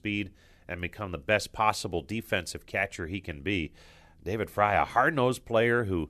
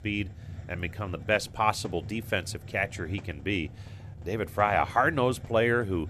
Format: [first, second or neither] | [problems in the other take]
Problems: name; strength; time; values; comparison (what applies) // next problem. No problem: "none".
first | hiss; noticeable; throughout; 15 dB below the speech